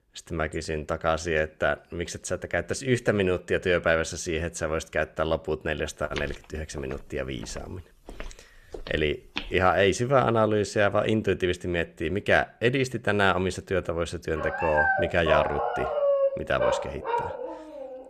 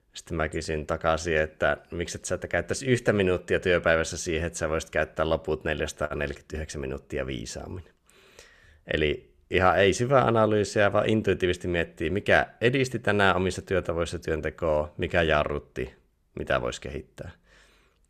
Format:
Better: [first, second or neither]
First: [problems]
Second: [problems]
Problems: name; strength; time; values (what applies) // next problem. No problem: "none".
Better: second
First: footsteps; noticeable; from 6 to 9.5 s; peak 9 dB below the speech // dog barking; loud; from 14 s on; peak 3 dB above the speech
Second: none